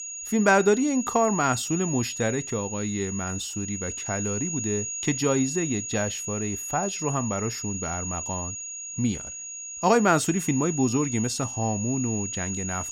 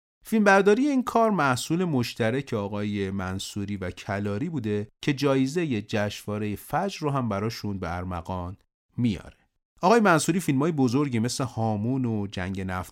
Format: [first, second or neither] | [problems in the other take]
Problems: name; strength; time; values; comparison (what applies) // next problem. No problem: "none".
second | high-pitched whine; loud; throughout; 6.5 kHz, 5 dB below the speech